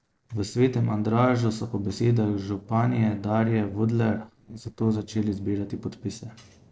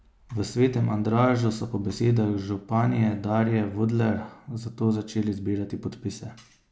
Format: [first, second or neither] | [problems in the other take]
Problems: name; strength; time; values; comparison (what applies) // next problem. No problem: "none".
second | noise reduction (neural separator model SepFormer DNS4)